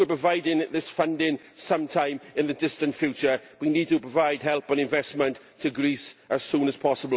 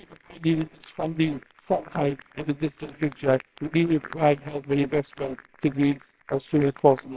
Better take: first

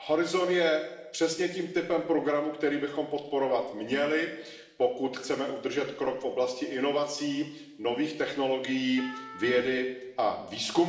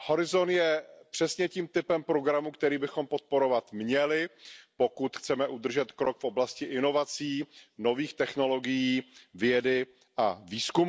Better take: second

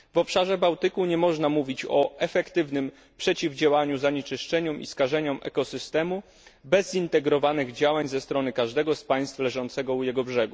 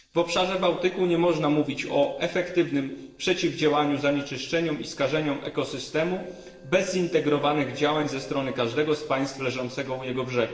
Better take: first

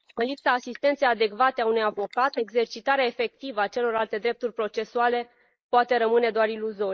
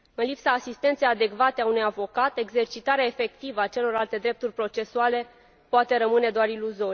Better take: second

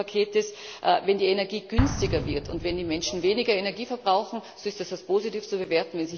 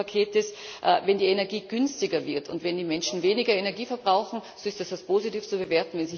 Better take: second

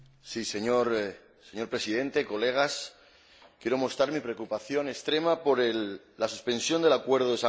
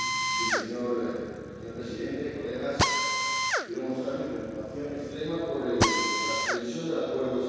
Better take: first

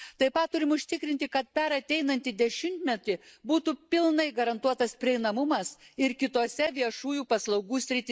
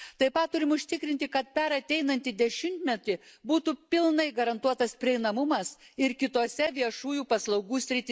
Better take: second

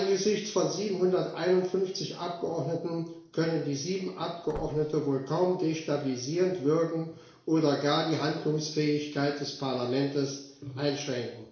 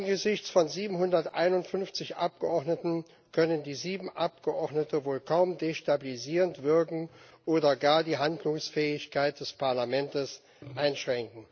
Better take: second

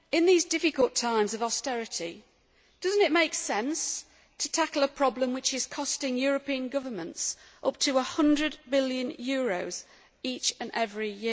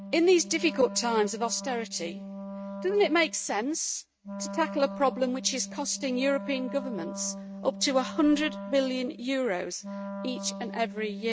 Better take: first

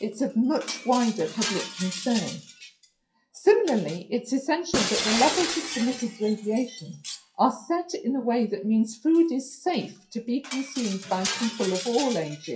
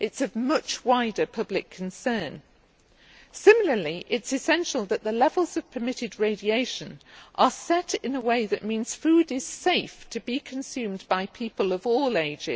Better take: second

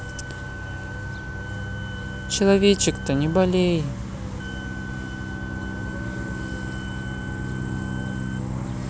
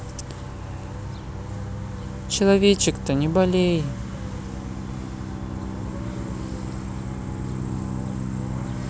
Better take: second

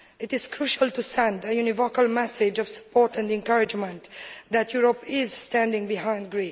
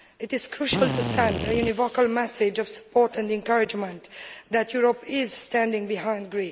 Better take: first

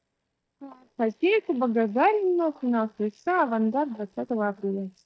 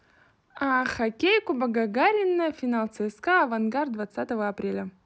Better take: second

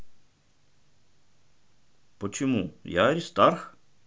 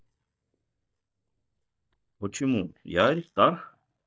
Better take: first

